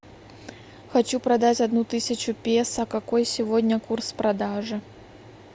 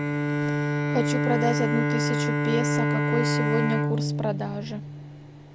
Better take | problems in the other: first | background sound (Bowed string instrument); 5 dB above the speech

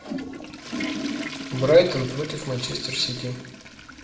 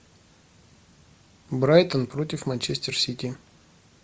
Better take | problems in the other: second | background sound (Toilet flush / Water); 8 dB below the speech // room echo; dies away in 0.7 s

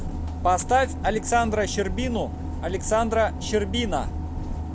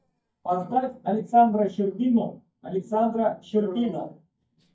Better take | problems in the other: first | noise reduction (neural mask model DeepFilterNet 3)

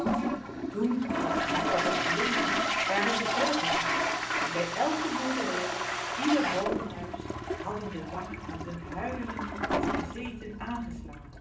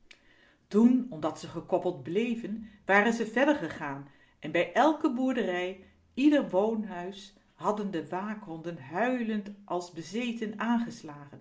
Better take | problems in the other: second | background sound (Toilet flush); 3 dB above the speech // room echo; dies away in 0.6 s

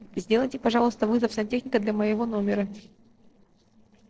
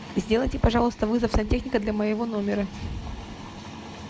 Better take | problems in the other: second | noise reduction (neural separator model SepFormer DNS4)

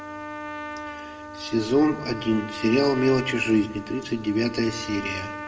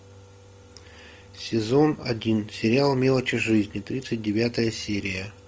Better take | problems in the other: second | background sound (Trumpet); 11 dB below the speech // room echo; dies away in 1 s

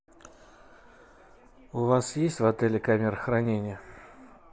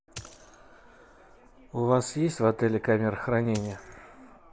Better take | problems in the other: first | background sound (Coin (dropping)); 17 dB below the speech

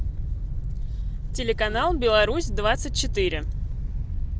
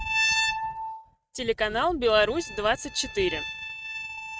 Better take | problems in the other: first | noise reduction (neural mask model RNNoise)

